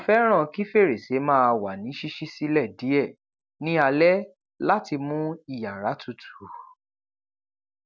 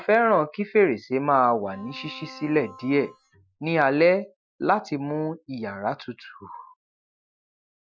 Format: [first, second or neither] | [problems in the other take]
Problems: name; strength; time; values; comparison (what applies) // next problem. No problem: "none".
first | noise reduction (classical method Wiener filter)